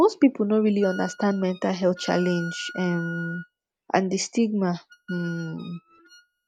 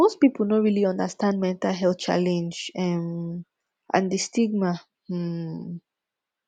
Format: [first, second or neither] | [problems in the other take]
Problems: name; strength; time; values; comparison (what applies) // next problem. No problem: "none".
second | noise reduction (neural mask model RNNoise)